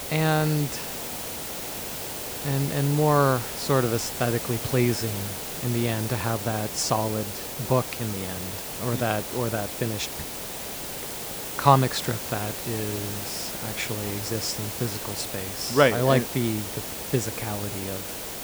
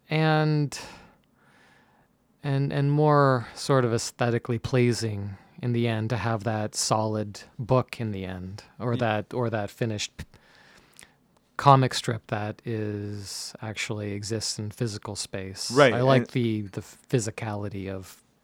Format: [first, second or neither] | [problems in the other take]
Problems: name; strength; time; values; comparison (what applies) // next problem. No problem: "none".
second | hiss; loud; throughout; 5 dB below the speech